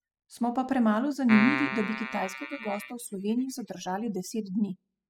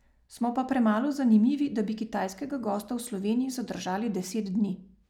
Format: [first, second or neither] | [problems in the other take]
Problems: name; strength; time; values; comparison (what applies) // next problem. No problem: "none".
second | noise reduction (classical method spectral subtraction)